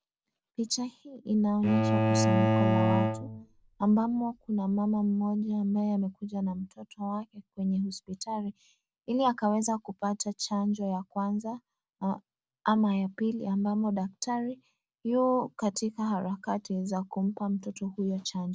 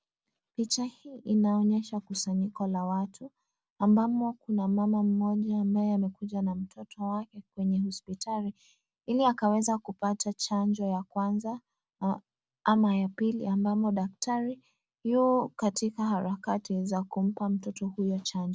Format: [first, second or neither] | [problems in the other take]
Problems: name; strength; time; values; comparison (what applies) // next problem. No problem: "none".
second | background sound (Bowed string instrument); 2 dB above the speech